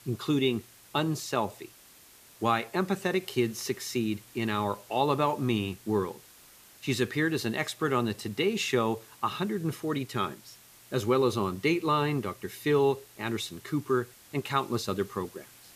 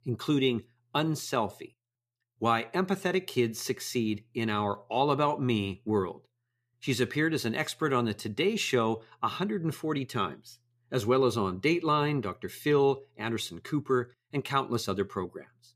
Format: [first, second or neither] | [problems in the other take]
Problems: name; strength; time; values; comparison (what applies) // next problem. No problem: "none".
second | hiss; faint; throughout; 20 dB below the speech